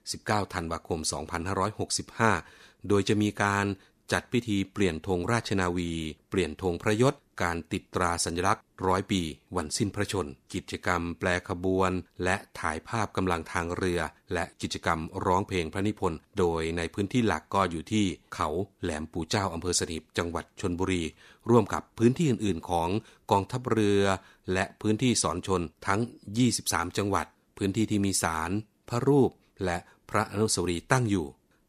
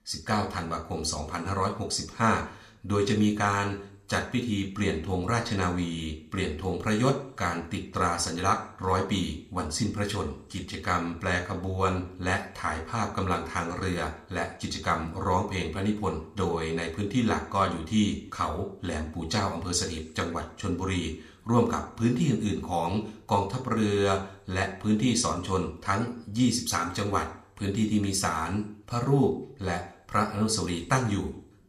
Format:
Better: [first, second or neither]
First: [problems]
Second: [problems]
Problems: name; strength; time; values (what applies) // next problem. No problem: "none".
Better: first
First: none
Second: room echo; very slight; dies away in 0.4 s